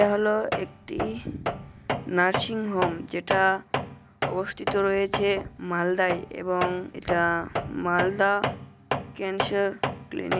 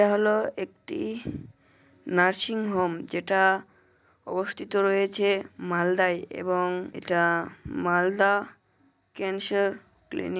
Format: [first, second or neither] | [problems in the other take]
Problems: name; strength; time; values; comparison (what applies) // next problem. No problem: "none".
second | background sound (Tools); 6 dB below the speech